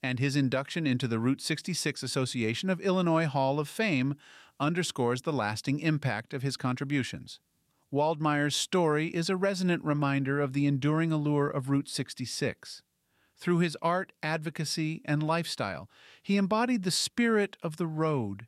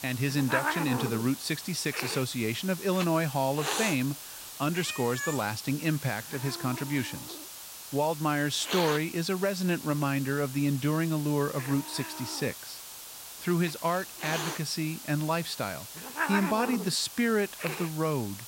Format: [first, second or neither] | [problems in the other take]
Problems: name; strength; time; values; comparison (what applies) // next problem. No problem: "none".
first | hiss; loud; throughout; 7 dB below the speech